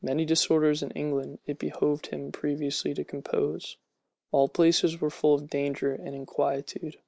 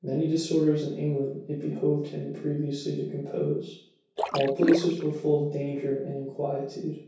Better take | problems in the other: first | background sound (Splash, splatter); 3 dB below the speech // room echo; dies away in 0.6 s

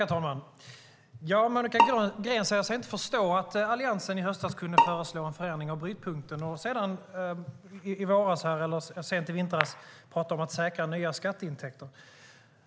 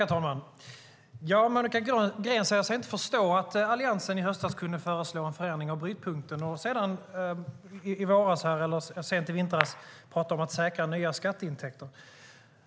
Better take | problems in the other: second | background sound (Bowed string instrument); as loud as the speech

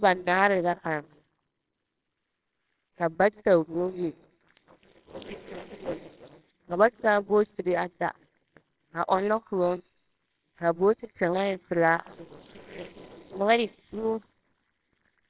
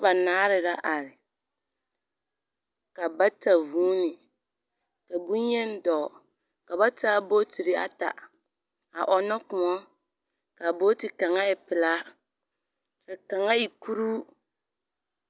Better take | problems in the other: second | noise reduction (neural separator model SepFormer WHAMR!)

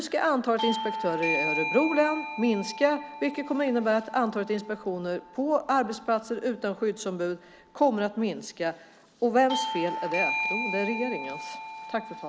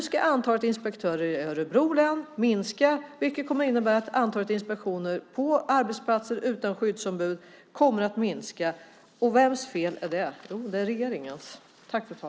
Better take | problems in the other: second | background sound (Bell / Doorbell); 7 dB below the speech

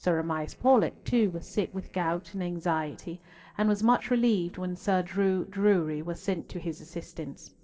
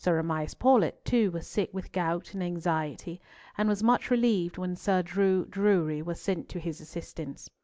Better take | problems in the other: second | noise reduction (neural separator model SepFormer DNS4)

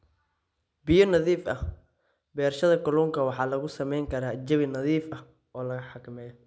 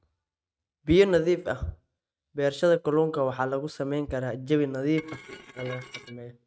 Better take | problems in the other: first | noise reduction (neural mask model RNNoise)

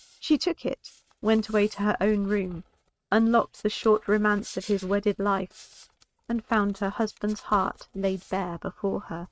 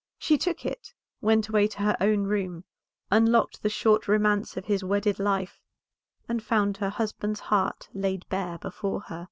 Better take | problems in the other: second | noise reduction (neural mask model RNNoise)

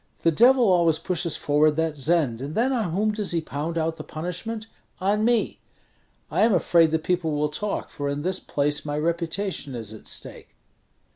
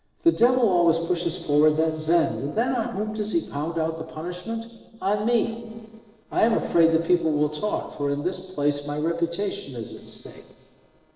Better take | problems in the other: first | noise reduction (neural separator model SepFormer DNS4)

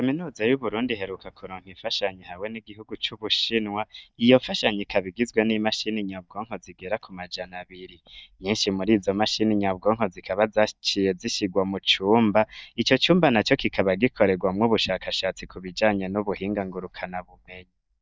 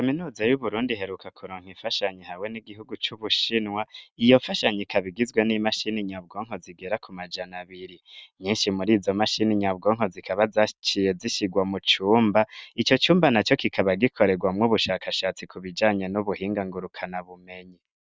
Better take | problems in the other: second | noise reduction (neural mask model DeepFilterNet 3)

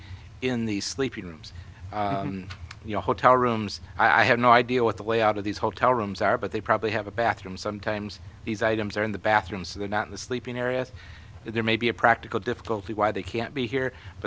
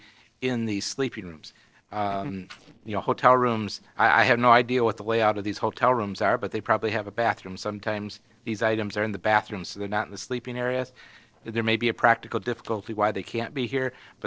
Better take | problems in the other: first | noise reduction (neural separator model SepFormer DNS4)

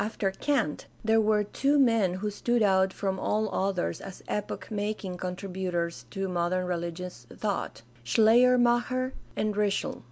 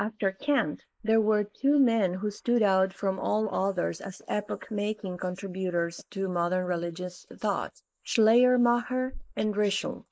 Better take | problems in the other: first | noise reduction (neural mask model Resemble Enhance denoiser)

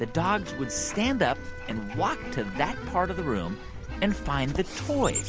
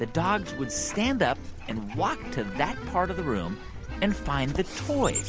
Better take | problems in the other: second | background sound (Wind instrument, woodwind instrument); 20 dB below the speech

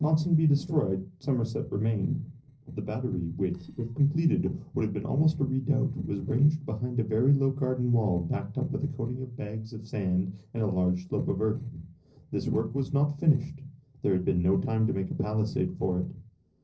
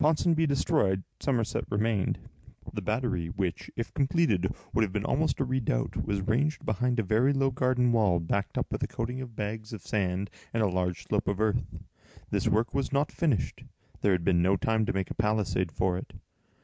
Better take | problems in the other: second | noise reduction (neural separator model SepFormer DNS4)

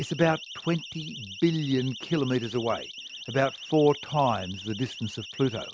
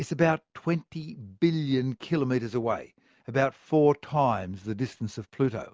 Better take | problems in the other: second | background sound (Siren); 14 dB below the speech

